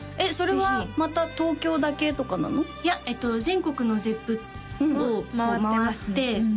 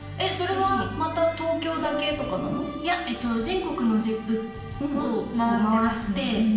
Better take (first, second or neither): first